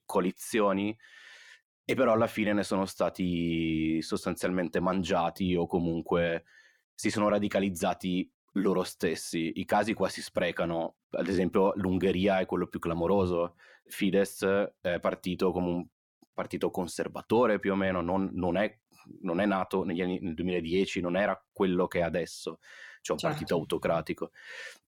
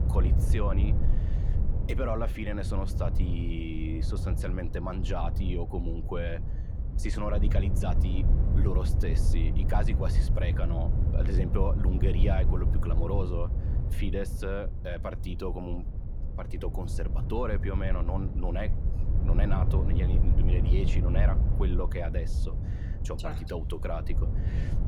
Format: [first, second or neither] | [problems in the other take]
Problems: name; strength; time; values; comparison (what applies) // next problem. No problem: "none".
first | wind noise on the microphone; heavy; 7 dB below the speech